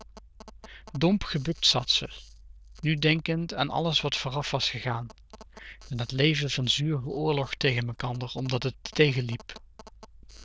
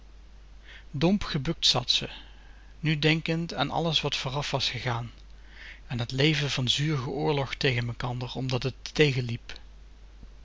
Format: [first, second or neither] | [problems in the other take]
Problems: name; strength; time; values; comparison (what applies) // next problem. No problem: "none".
second | noise reduction (neural diffusion model UNIVERSE++)